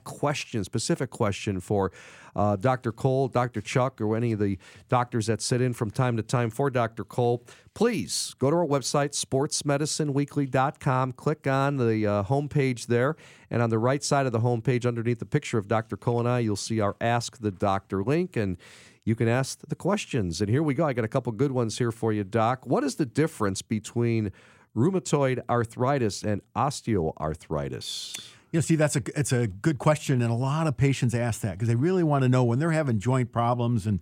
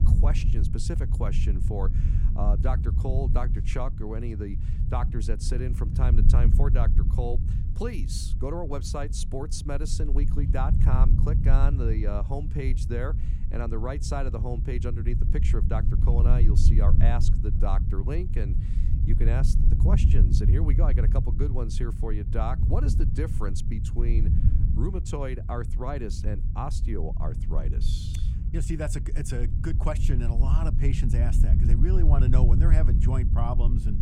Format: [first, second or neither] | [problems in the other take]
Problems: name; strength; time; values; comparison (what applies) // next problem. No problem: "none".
first | low rumble; loud; throughout; 5 dB below the speech